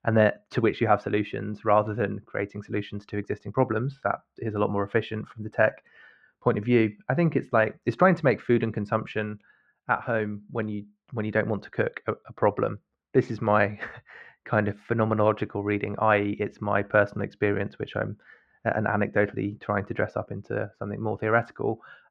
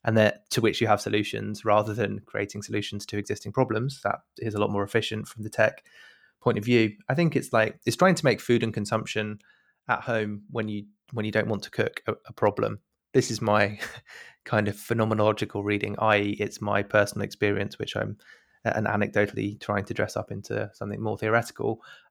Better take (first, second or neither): second